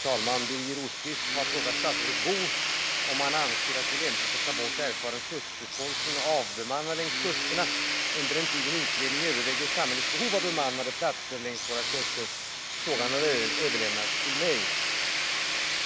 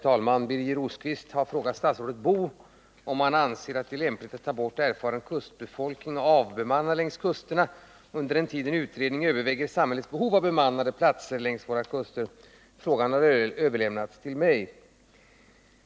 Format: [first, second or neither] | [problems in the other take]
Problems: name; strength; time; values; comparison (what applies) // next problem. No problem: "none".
second | background sound (Tools); 4 dB above the speech